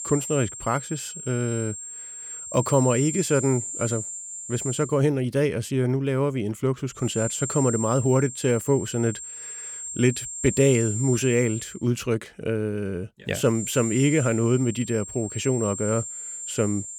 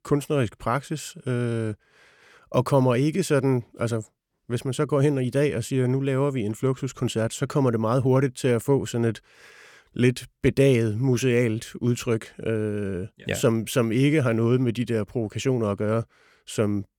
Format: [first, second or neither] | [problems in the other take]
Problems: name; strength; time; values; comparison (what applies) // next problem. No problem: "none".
second | high-pitched whine; loud; until 5 s, from 7 to 12 s and from 14 s on; 7.5 kHz, 7 dB below the speech